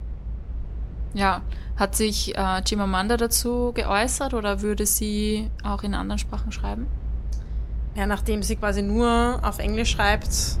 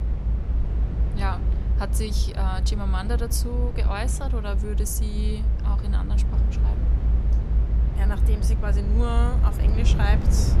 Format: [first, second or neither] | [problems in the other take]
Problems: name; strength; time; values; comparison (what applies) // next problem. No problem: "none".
first | low rumble; loud; throughout; 6 dB below the speech; faint in the first